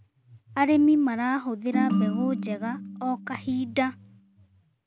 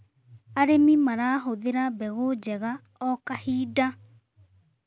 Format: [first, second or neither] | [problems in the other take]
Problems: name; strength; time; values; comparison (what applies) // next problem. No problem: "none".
second | background sound (Ringtone); 4 dB below the speech